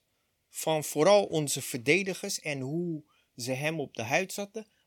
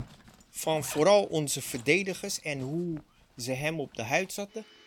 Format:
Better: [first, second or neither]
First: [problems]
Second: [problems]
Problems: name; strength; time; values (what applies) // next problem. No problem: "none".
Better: first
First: none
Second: household noises; faint; throughout; 20 dB below the speech